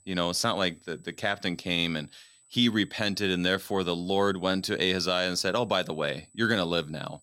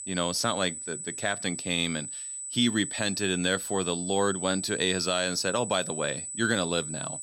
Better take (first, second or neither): first